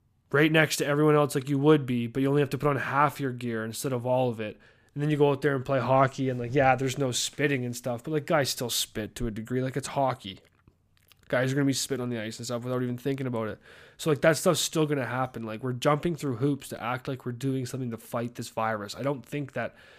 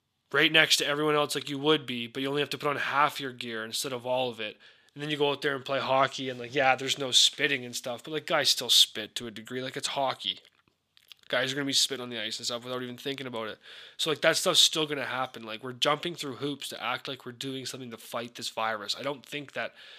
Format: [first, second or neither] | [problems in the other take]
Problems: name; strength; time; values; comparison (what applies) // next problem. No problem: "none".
first | thin; very slightly; fading below 900 Hz